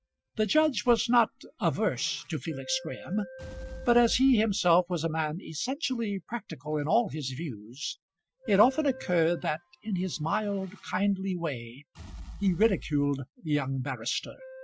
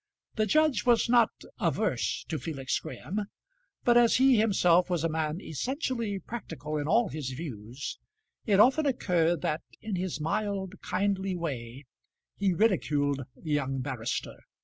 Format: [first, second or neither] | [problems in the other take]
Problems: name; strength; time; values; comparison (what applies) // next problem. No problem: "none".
second | noise reduction (classical method Wiener filter)